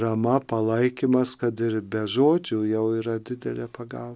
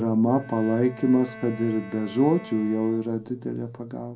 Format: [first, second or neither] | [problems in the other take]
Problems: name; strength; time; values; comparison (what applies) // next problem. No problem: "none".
first | background sound (Bowed string instrument); 19 dB below the speech // room echo; dies away in 0.2 s